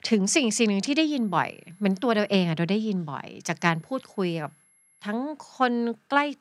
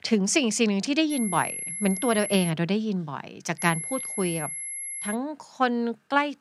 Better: first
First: high-pitched whine; faint; from 1 to 2.5 s and from 3.5 to 5 s; 11 kHz, 35 dB below the speech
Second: high-pitched whine; loud; from 1 to 2.5 s and from 3.5 to 5 s; 11 kHz, 6 dB below the speech

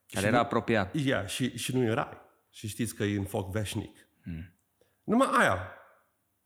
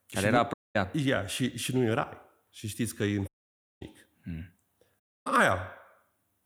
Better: first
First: none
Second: audio cutting out; at 0.5 s, at 3.5 s for 0.5 s and at 5 s

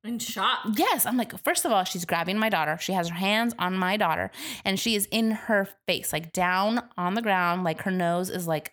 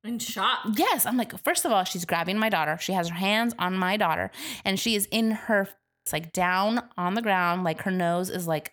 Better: first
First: none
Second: audio freezing; at 6 s

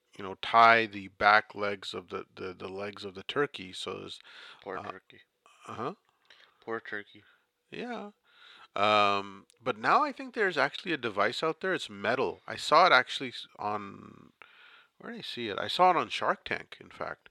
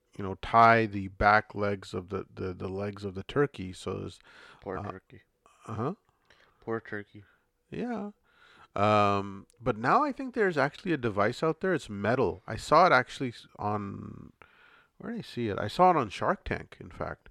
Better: second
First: thin; very slightly; fading below 900 Hz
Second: none

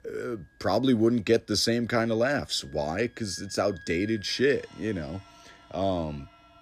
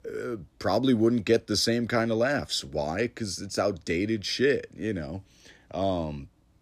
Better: second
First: background music; faint; throughout; 25 dB below the speech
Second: none

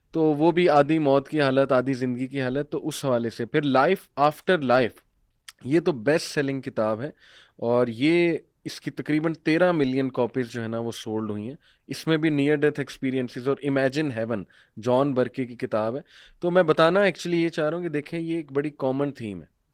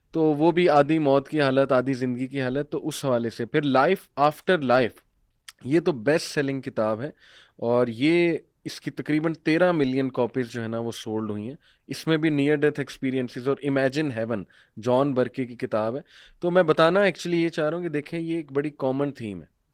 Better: neither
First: garbled, watery; slightly; nothing above 17.5 kHz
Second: garbled, watery; slightly; nothing above 17.5 kHz

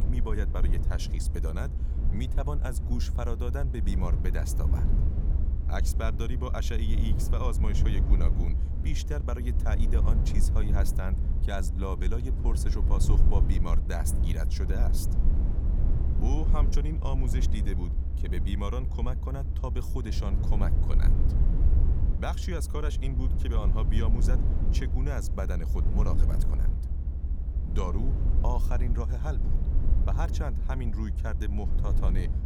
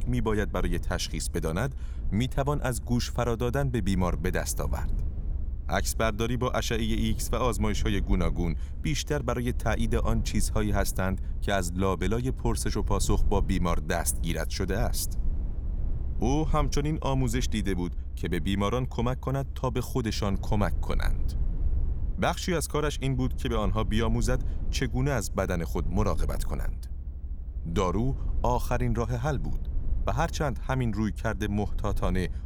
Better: second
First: low rumble; loud; throughout; 5 dB below the speech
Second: low rumble; faint; throughout; 20 dB below the speech

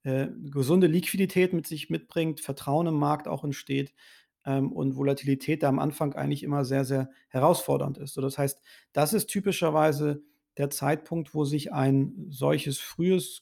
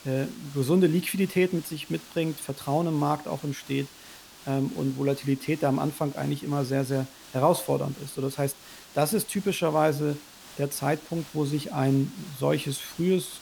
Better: first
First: none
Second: hiss; noticeable; throughout; 20 dB below the speech

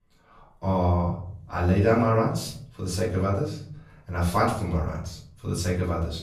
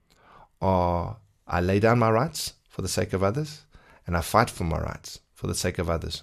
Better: second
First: off-mic speech; far // room echo; noticeable; dies away in 0.6 s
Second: none

